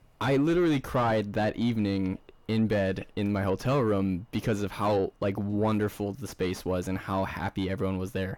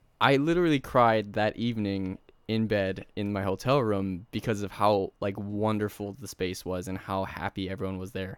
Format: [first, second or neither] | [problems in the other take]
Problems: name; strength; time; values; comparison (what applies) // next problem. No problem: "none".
second | distortion; heavy; 7 dB below the speech